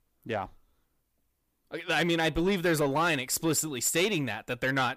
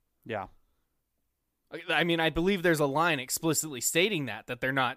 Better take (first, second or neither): second